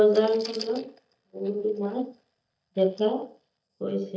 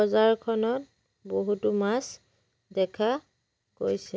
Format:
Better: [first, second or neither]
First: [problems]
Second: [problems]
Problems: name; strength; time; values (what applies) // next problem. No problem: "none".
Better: second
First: noise reduction (neural mask model DeepFilterNet 3)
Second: none